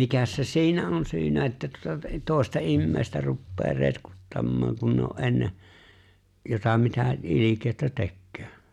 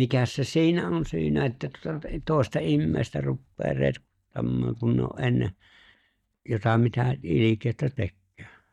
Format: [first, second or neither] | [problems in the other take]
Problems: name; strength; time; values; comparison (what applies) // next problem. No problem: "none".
first | noise reduction (neural mask model DeepFilterNet 3)